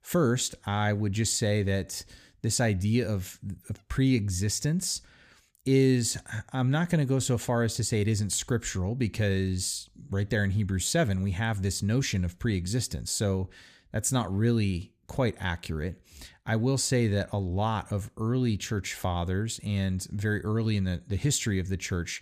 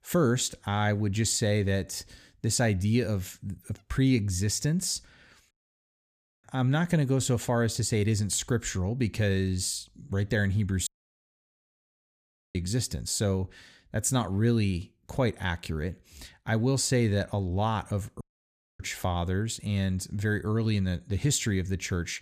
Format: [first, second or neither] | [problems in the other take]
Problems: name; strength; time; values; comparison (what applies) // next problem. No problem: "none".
first | audio cutting out; at 5.5 s for 1 s, at 11 s for 1.5 s and at 18 s for 0.5 s